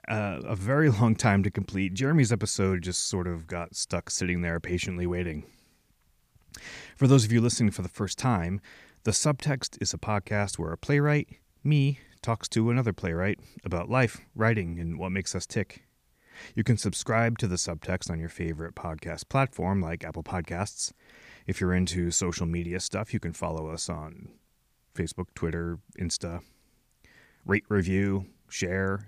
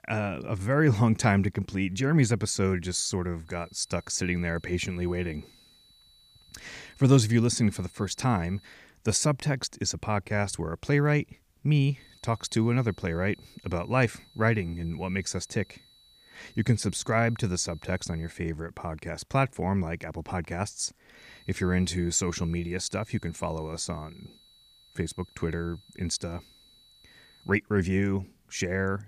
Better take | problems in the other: first | high-pitched whine; faint; from 3.5 to 9 s, from 12 to 18 s and from 21 to 28 s; 4 kHz, 30 dB below the speech

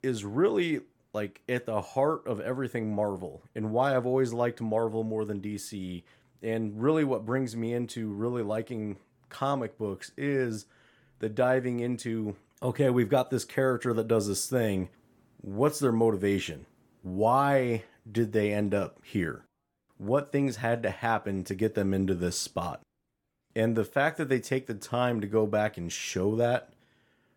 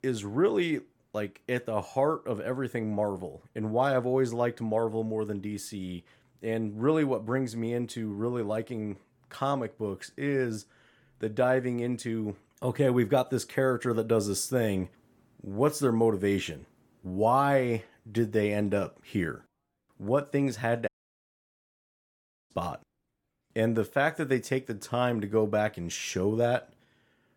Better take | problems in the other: first | audio cutting out; at 21 s for 1.5 s

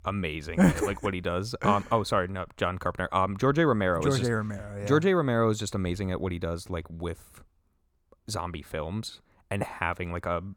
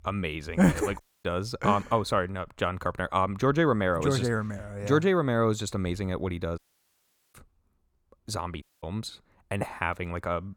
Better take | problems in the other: first | audio cutting out; at 1 s, at 6.5 s for 1 s and at 8.5 s

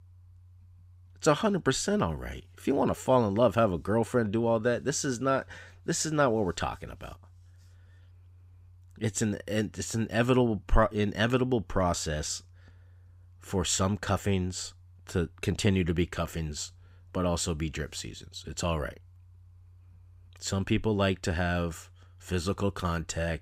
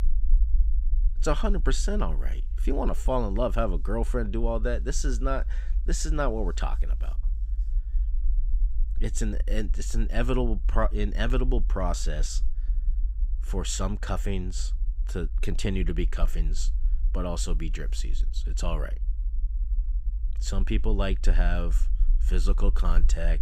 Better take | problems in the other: first | low rumble; faint; throughout; 20 dB below the speech

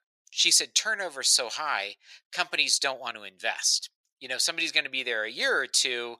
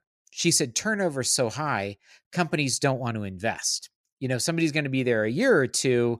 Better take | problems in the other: second | thin; very; fading below 800 Hz

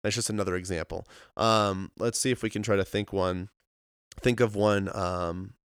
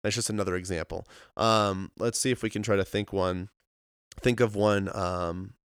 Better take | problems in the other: neither | none

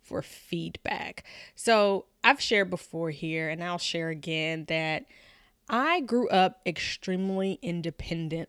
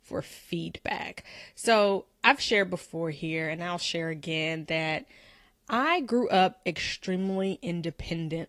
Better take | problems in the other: first | garbled, watery; slightly

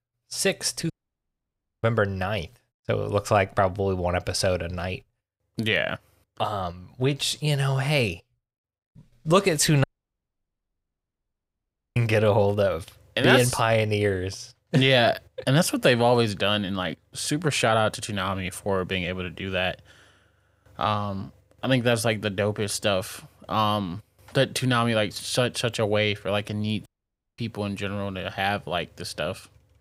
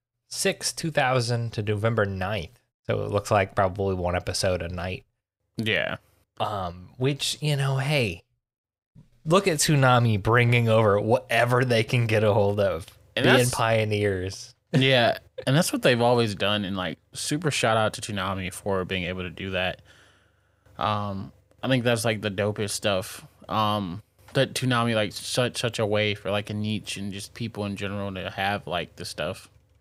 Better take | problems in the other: second | audio cutting out; at 1 s for 1 s, at 10 s for 2 s and at 27 s for 0.5 s

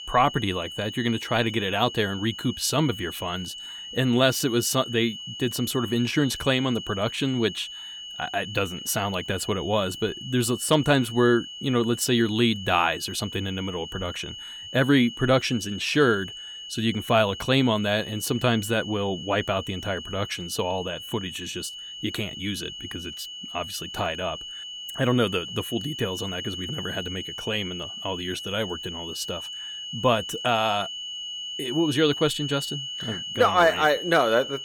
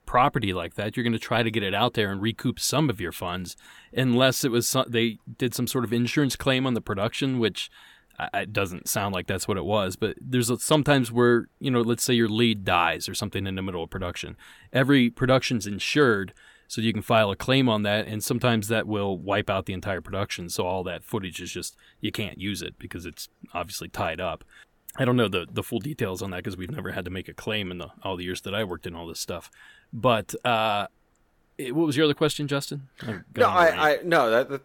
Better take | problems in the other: second | high-pitched whine; loud; throughout; 3 kHz, 9 dB below the speech

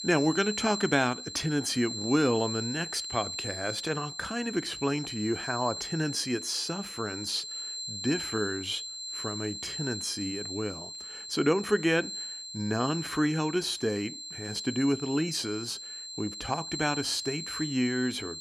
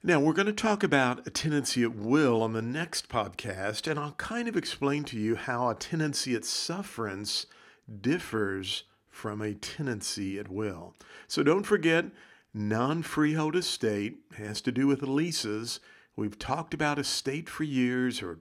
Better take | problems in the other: second | high-pitched whine; loud; throughout; 4 kHz, 6 dB below the speech

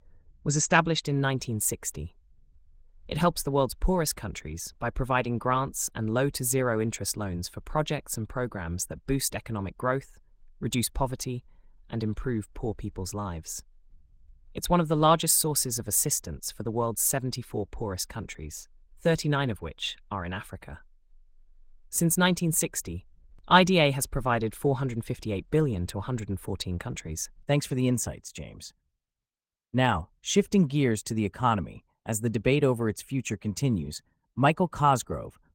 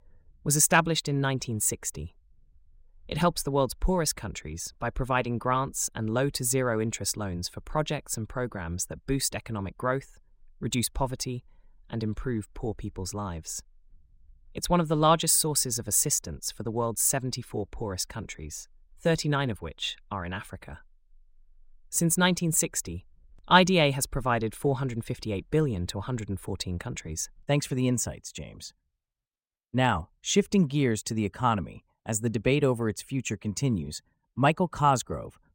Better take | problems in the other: second | garbled, watery; slightly; nothing above 16 kHz

